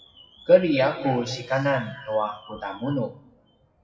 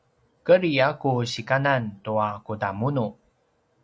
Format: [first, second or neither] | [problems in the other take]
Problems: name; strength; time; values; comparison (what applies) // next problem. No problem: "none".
second | noise reduction (classical method WPE with log-MMSE)